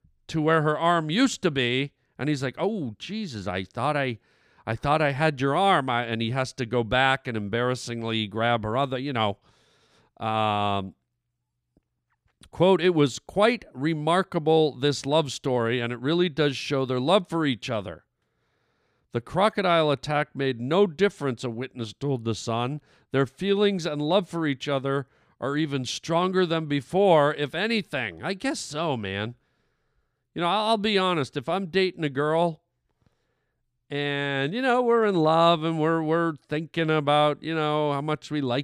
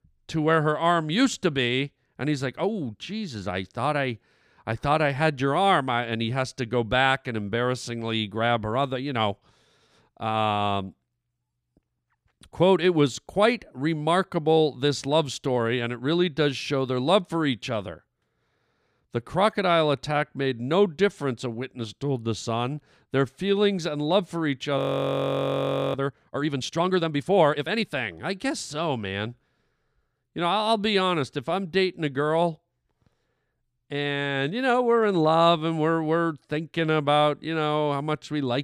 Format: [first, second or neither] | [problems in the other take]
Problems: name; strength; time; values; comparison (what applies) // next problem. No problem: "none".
first | audio freezing; at 25 s for 1 s